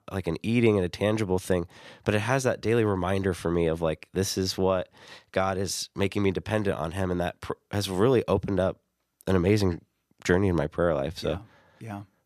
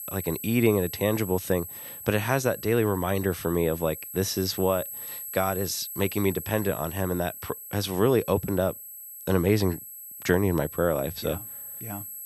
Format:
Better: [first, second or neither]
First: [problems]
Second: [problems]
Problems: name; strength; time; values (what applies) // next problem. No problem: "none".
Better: first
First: none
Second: high-pitched whine; loud; throughout; 11.5 kHz, 10 dB below the speech